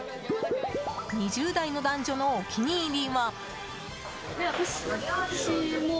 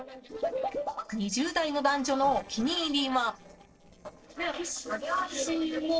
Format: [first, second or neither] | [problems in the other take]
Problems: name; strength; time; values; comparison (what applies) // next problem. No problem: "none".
first | noise reduction (neural separator model SepFormer DNS4)